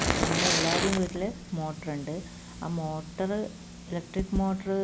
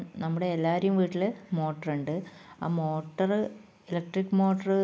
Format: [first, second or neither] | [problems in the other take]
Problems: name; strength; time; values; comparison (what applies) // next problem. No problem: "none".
second | background sound (Fire); 1 dB below the speech